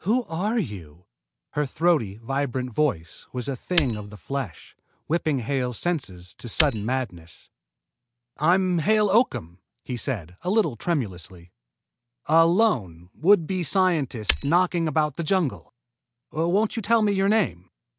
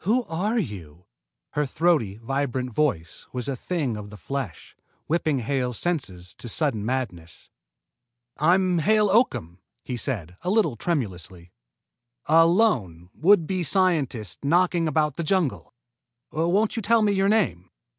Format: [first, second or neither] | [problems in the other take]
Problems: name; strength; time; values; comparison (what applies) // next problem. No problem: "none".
second | background sound (Shatter); 3 dB below the speech